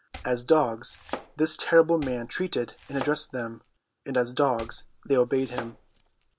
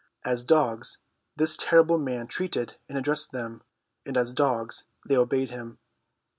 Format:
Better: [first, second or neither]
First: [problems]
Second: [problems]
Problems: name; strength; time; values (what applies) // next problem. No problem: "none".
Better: second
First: background sound (Domestic sounds, home sounds); 16 dB below the speech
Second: none